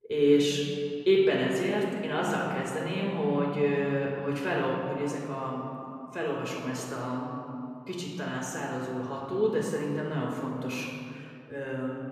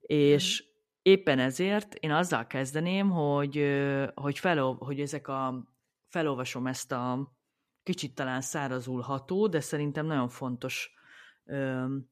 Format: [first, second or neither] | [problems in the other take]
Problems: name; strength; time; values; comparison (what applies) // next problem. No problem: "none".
second | room echo; noticeable; dies away in 2.2 s // off-mic speech; far